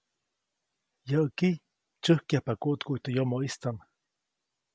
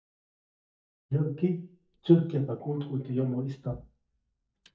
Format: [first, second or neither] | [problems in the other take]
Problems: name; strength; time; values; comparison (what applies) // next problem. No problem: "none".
first | noise reduction (neural mask model DeepFilterNet 3)